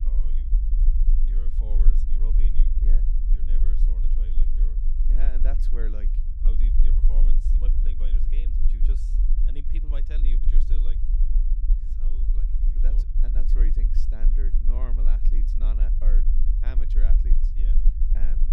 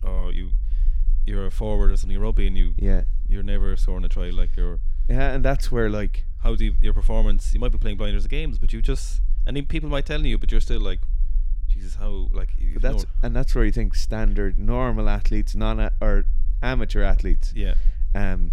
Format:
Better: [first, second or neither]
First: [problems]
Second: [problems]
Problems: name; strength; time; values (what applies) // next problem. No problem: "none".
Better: second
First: low rumble; loud; throughout; 1 dB below the speech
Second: low rumble; faint; throughout; 25 dB below the speech